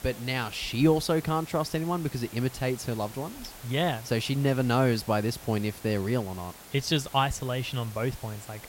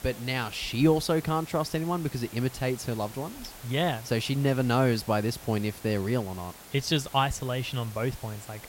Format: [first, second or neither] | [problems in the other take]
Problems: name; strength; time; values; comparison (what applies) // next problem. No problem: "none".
neither | hiss; noticeable; throughout; 15 dB below the speech; the same in both